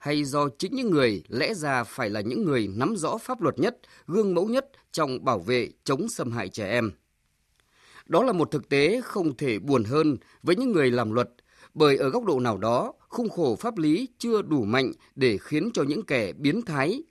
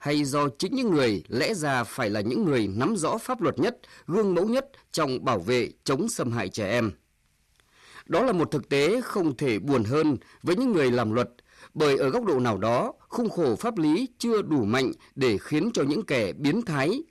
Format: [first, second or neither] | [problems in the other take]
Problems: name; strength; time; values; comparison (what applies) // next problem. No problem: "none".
first | distortion; slight; 10 dB below the speech